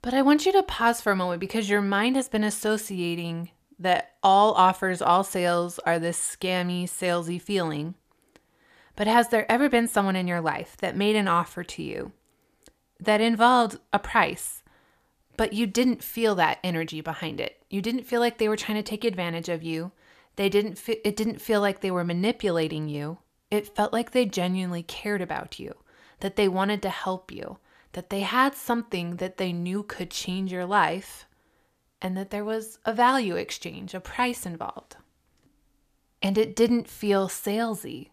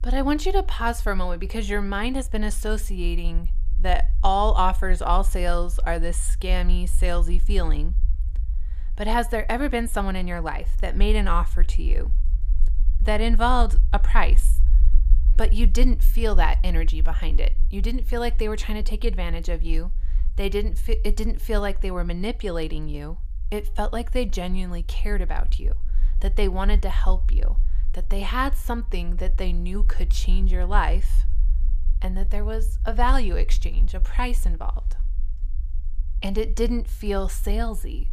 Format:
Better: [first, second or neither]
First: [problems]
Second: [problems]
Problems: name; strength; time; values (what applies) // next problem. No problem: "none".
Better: first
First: none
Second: low rumble; faint; throughout; 25 dB below the speech